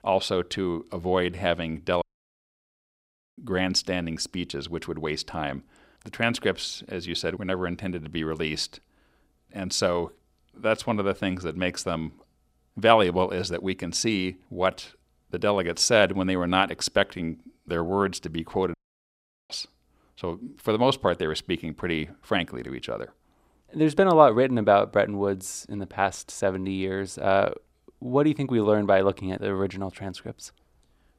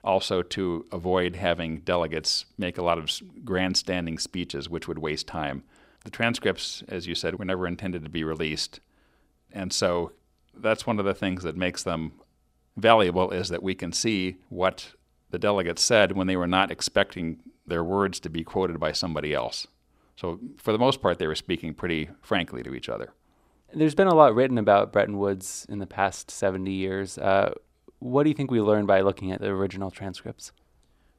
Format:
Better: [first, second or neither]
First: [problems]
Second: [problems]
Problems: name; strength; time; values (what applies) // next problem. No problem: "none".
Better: second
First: audio cutting out; at 2 s for 1.5 s and at 19 s for 1 s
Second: none